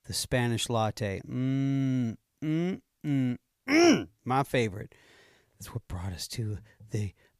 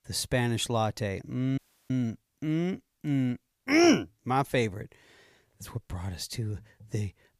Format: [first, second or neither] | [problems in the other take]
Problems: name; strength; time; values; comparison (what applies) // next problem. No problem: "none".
first | audio cutting out; at 1.5 s